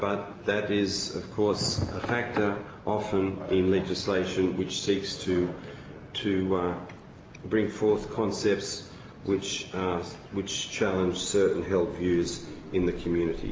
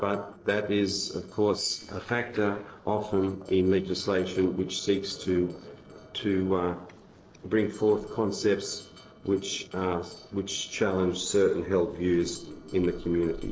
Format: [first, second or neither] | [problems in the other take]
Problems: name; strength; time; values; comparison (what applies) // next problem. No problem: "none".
first | noise reduction (neural separator model SepFormer DNS4)